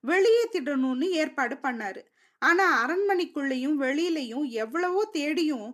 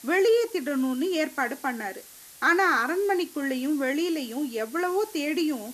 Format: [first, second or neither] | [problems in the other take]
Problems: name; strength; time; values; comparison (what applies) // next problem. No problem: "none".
first | hiss; noticeable; throughout; 20 dB below the speech